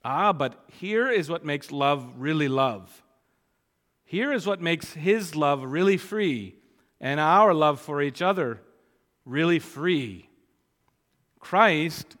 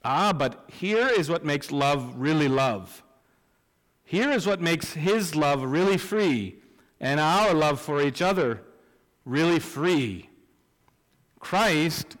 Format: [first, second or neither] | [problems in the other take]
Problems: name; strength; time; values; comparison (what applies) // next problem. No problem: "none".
first | distortion; heavy; 6 dB below the speech